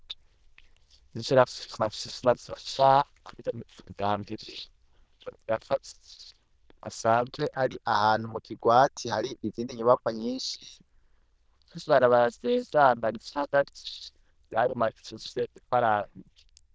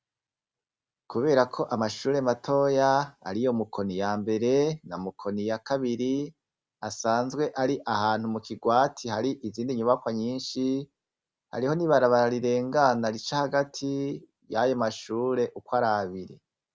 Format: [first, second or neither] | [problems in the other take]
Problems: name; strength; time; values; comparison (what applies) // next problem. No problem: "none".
second | noise reduction (neural diffusion model UNIVERSE++)